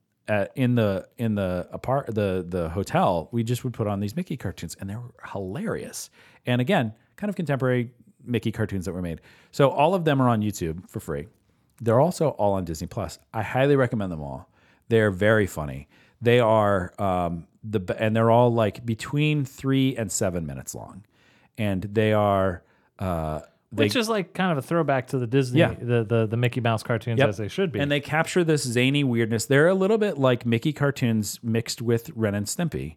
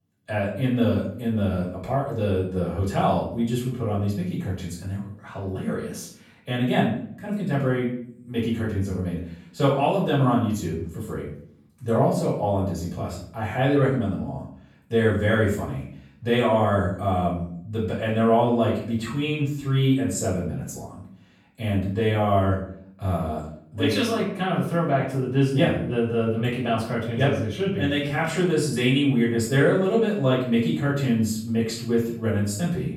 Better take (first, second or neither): first